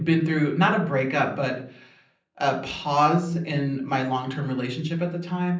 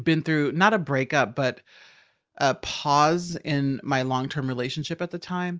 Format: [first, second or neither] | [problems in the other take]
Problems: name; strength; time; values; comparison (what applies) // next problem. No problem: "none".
second | room echo; dies away in 0.6 s